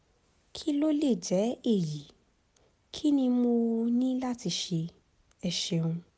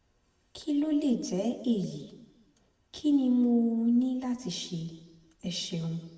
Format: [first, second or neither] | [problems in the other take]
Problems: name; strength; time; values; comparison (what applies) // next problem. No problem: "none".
first | room echo; dies away in 1 s